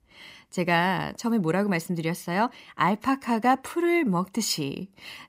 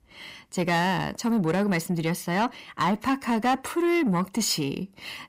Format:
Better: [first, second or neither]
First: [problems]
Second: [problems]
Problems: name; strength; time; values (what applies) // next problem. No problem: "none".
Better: first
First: none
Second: distortion; slight; 10 dB below the speech